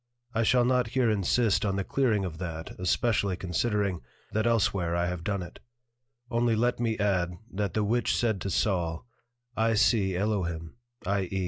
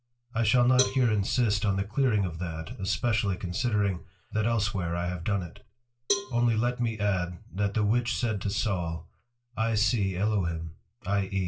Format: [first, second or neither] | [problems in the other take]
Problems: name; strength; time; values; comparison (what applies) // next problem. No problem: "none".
first | background sound (Cowbell); 11 dB below the speech // room echo; dies away in 0.2 s